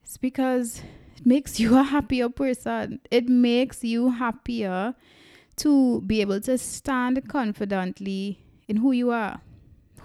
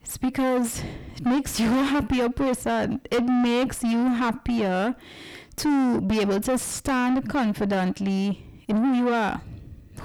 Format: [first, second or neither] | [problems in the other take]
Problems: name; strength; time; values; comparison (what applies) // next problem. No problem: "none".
first | distortion; heavy; 5 dB below the speech